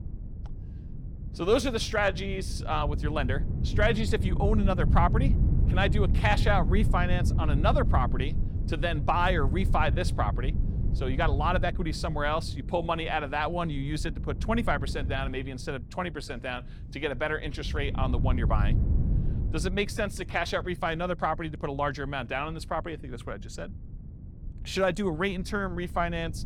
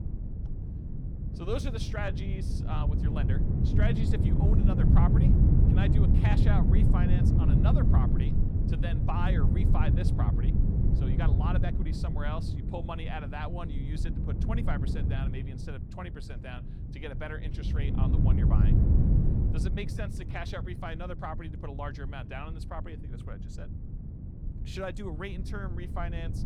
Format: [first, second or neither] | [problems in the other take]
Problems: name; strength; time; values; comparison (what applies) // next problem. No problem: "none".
first | wind noise on the microphone; heavy; as loud as the speech; occasional gusts in the first